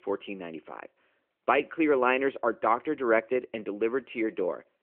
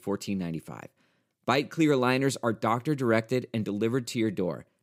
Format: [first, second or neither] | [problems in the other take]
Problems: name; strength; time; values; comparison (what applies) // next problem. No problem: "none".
second | phone-call audio